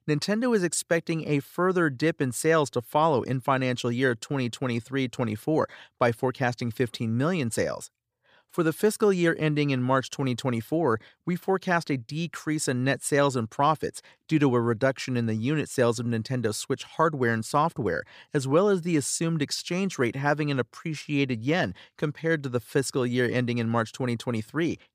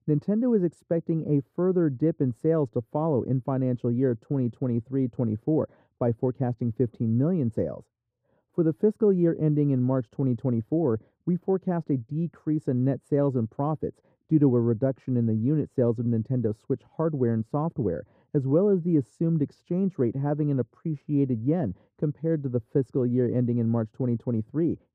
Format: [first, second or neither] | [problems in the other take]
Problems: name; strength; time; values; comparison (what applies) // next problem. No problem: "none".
first | muffled; very; fading above 1 kHz